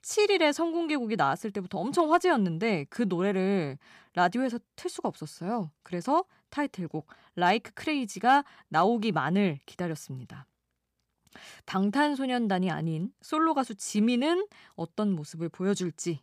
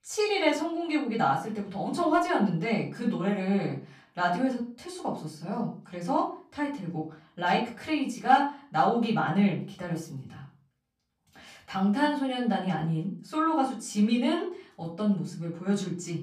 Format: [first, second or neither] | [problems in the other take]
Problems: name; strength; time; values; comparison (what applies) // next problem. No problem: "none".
first | room echo; slight; dies away in 0.3 s // off-mic speech; far